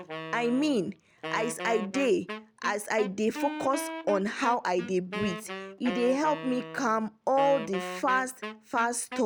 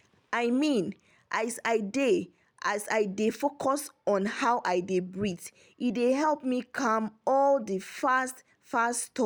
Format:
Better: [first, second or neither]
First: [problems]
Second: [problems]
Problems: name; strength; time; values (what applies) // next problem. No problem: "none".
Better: second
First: background sound (Wind instrument, woodwind instrument); 10 dB below the speech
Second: none